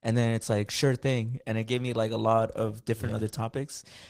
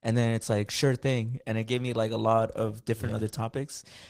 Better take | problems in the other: neither | garbled, watery; slightly; nothing above 15.5 kHz; the same in both

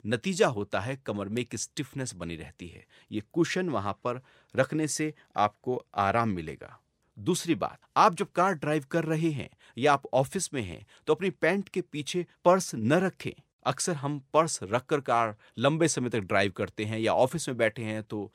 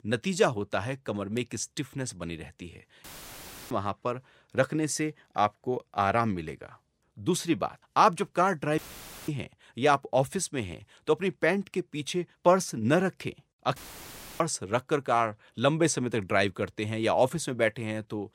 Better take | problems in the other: first | audio cutting out; filled with static; at 3 s for 0.5 s, at 9 s for 0.5 s and at 14 s for 0.5 s

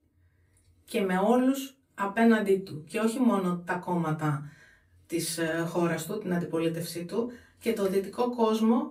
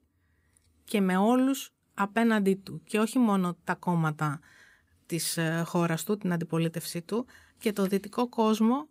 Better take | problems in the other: second | off-mic speech; far // room echo; very slight; dies away in 0.2 s

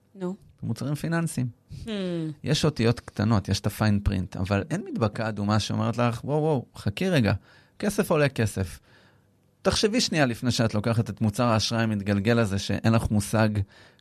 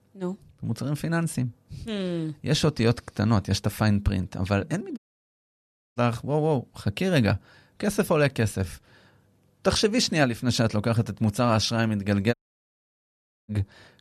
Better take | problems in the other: first | audio cutting out; at 5 s for 1 s and at 12 s for 1 s

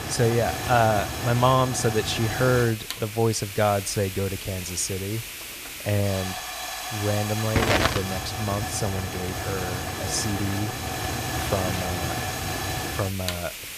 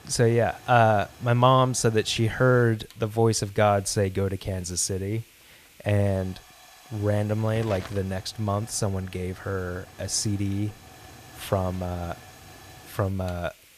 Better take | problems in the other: second | hiss; loud; throughout; 3 dB below the speech; faint in the second

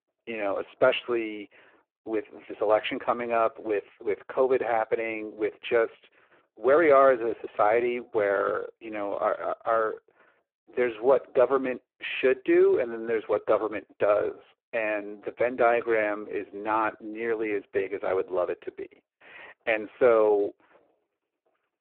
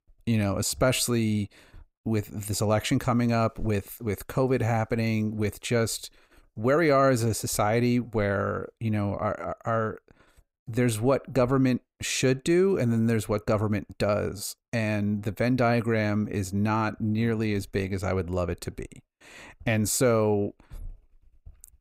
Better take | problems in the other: second | phone-call audio; poor line

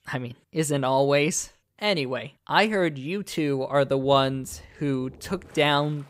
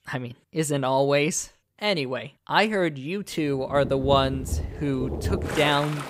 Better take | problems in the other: first | rain or running water; loud; from 4 s on; 7 dB below the speech; faint in the first

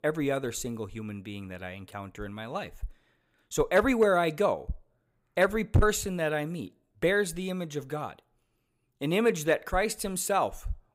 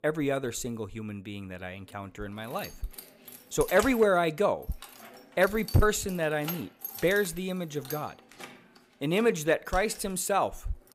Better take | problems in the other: first | jangling keys; noticeable; from 2.5 to 10 s; peak 8 dB below the speech

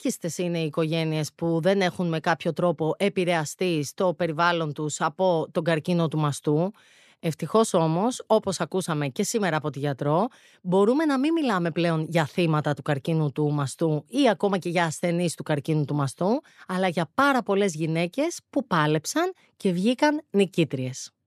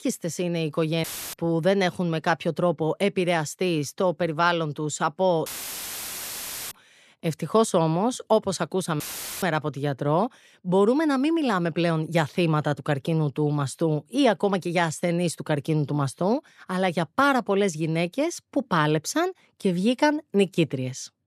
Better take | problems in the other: first | audio cutting out; filled with static; at 1 s, at 5.5 s for 1.5 s and at 9 s

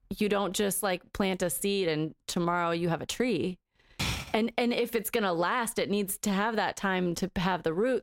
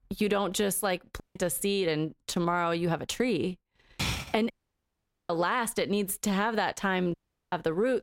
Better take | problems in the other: first | audio cutting out; at 1 s, at 4.5 s for 1 s and at 7 s

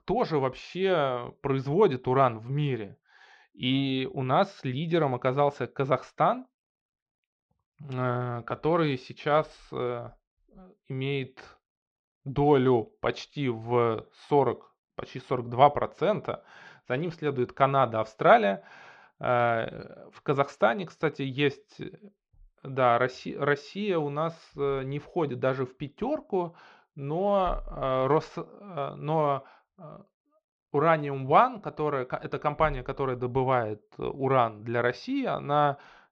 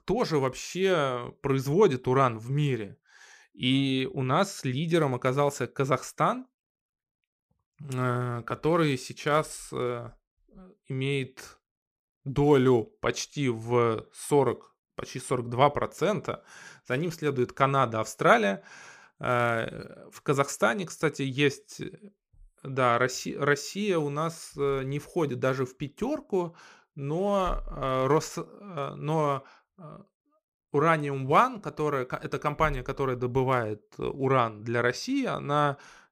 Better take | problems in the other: second | muffled; slightly; fading above 4 kHz

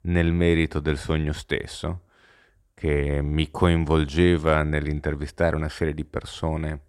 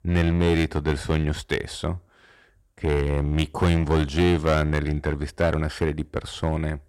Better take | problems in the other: first | distortion; slight; 5% of the sound clipped

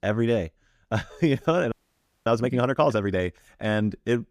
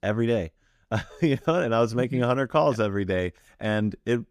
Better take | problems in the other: second | audio freezing; at 1.5 s for 0.5 s

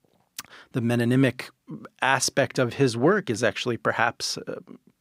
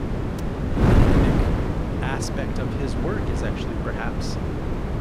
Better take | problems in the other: first | wind noise on the microphone; heavy; 4 dB above the speech

